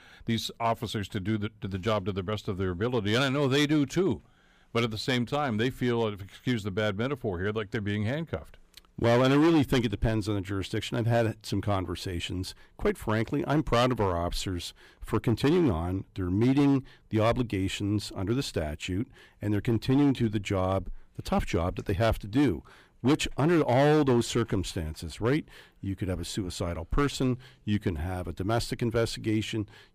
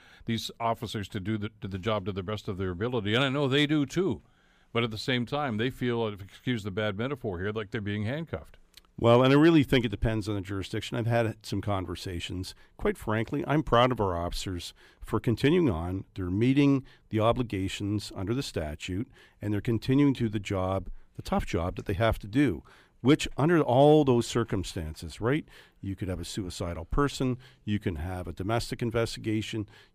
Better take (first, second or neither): second